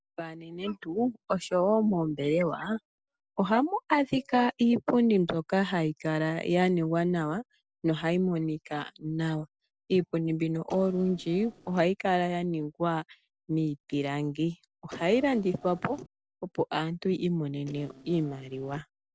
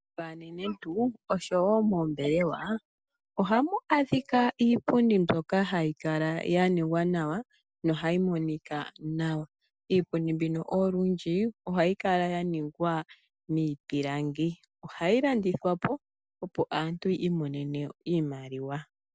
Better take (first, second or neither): second